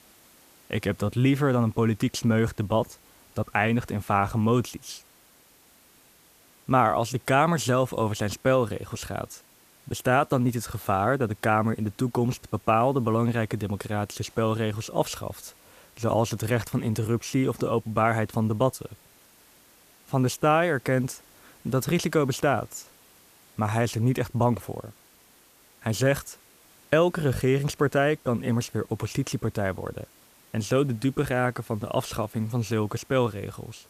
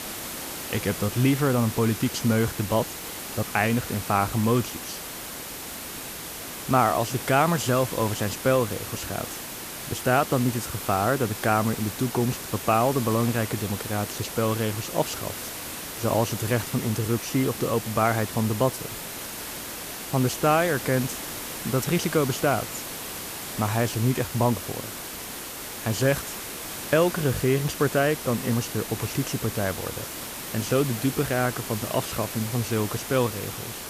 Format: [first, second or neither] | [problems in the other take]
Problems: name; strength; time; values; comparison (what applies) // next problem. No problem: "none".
first | hiss; loud; throughout; 8 dB below the speech; faint in the first